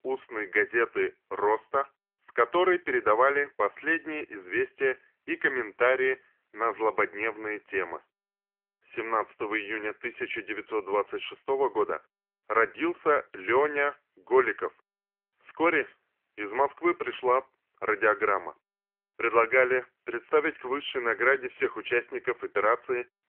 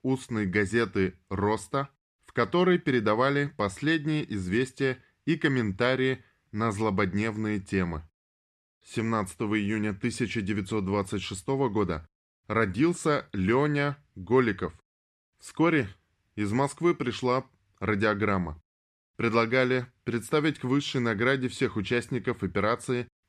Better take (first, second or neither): second